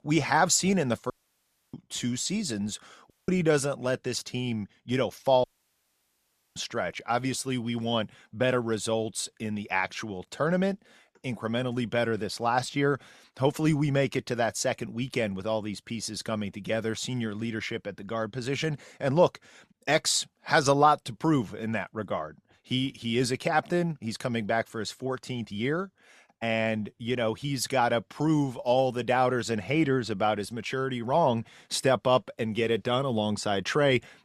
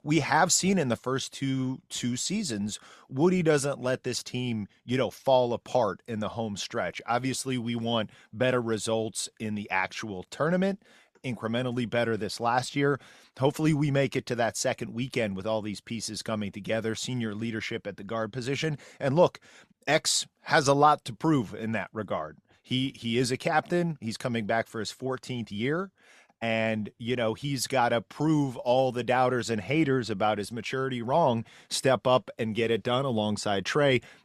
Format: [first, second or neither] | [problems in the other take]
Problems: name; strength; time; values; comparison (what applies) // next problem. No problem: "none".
second | audio cutting out; at 1 s for 0.5 s, at 3 s and at 5.5 s for 1 s